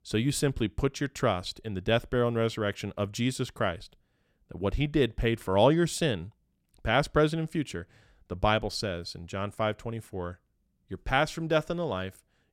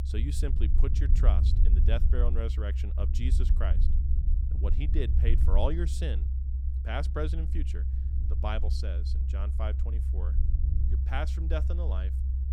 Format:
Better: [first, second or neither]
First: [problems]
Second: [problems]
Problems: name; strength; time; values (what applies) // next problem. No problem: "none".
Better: first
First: none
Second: low rumble; loud; throughout; 8 dB below the speech